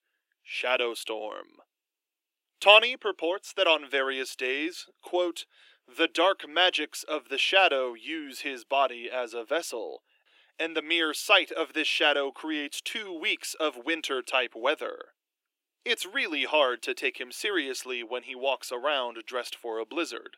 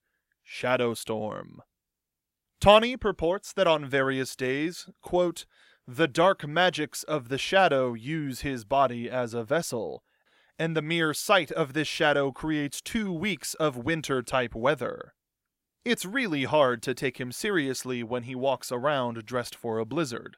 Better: second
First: thin; somewhat; fading below 300 Hz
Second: none

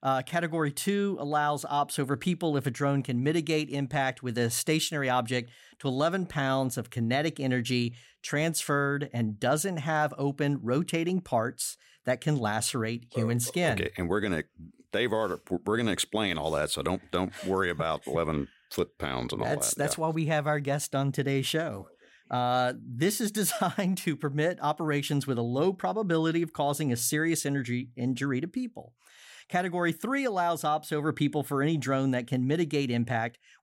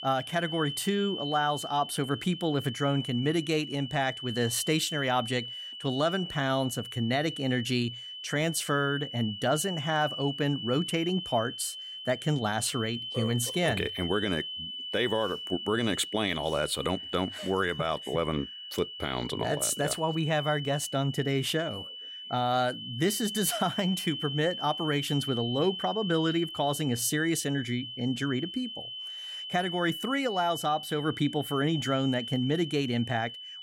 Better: first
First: none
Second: high-pitched whine; loud; throughout; 3 kHz, 7 dB below the speech

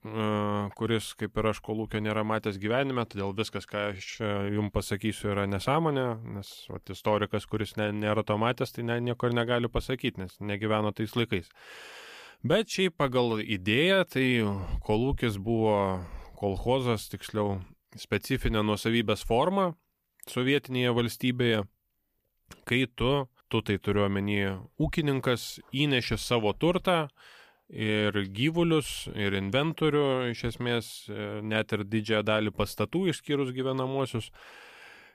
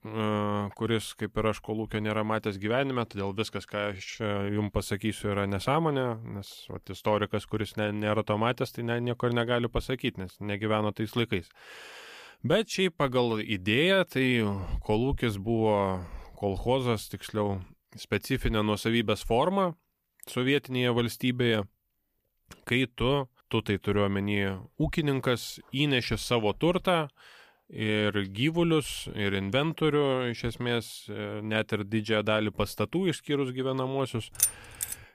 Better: first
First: none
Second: jangling keys; loud; at 34 s; peak 2 dB above the speech

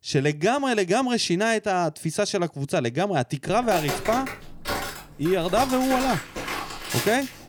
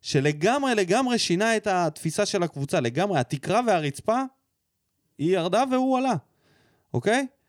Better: second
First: footsteps; noticeable; from 3.5 s on; peak 4 dB below the speech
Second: none

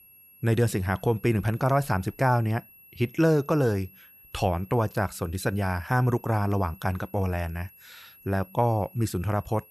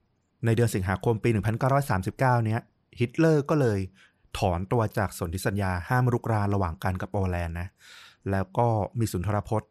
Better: second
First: high-pitched whine; faint; throughout; 11.5 kHz, 25 dB below the speech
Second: none

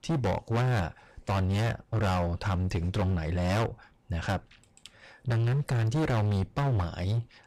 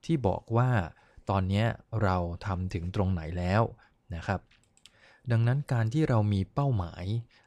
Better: second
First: distortion; heavy; 24% of the sound clipped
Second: none

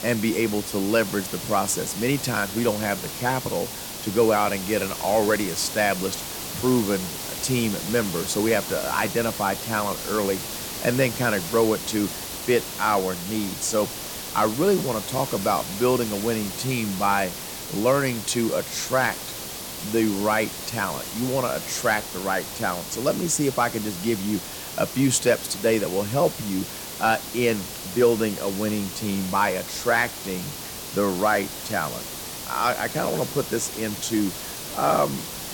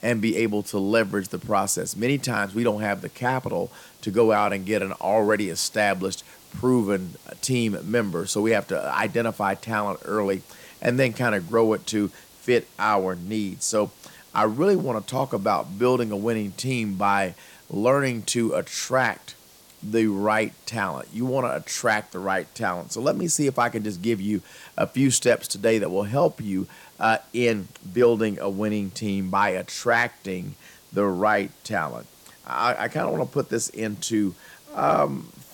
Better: second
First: hiss; loud; throughout; 7 dB below the speech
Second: hiss; faint; throughout; 25 dB below the speech

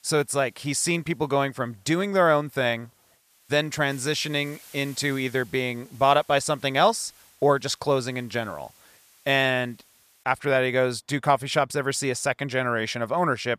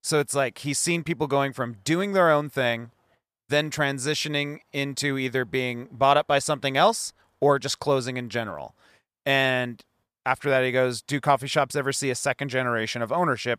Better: second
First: hiss; faint; until 10 s; 25 dB below the speech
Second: none

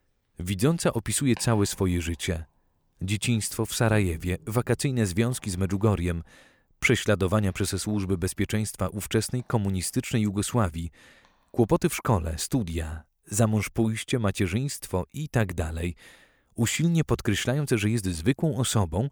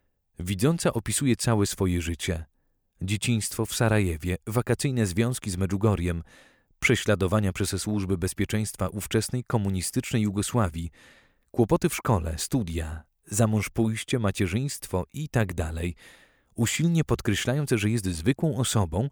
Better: second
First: household noises; faint; throughout; 25 dB below the speech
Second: none

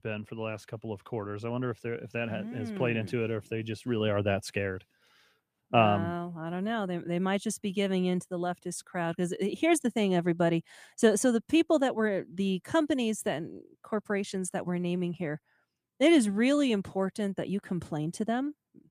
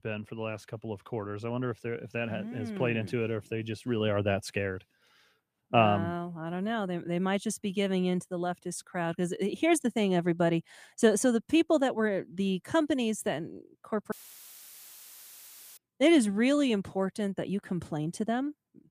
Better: first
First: none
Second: audio cutting out; filled with static; at 14 s for 1.5 s

